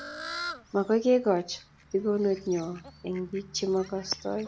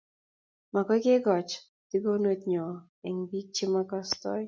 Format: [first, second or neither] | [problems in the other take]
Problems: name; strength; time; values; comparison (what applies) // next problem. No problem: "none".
second | background sound (Fowl); 15 dB below the speech